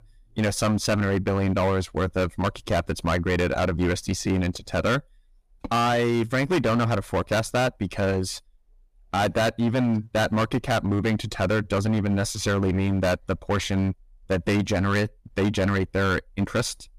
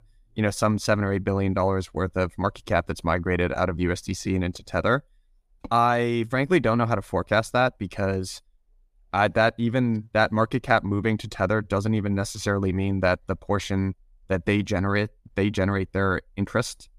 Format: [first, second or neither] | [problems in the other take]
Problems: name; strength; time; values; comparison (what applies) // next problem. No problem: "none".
second | distortion; heavy; 15% of the sound clipped